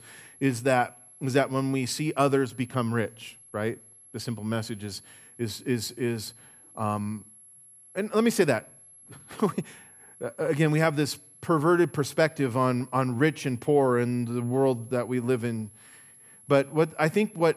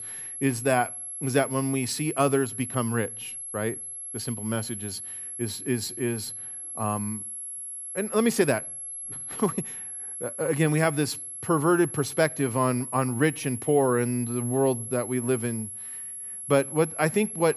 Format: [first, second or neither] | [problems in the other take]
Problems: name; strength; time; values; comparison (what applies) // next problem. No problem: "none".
first | high-pitched whine; loud; throughout; 11 kHz, 7 dB below the speech; faint in the first